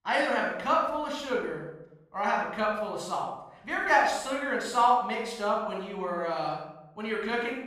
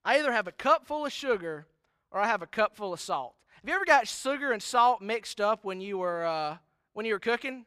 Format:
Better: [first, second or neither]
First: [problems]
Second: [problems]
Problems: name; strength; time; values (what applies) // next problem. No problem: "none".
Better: second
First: off-mic speech; far // room echo; noticeable; dies away in 0.8 s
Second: none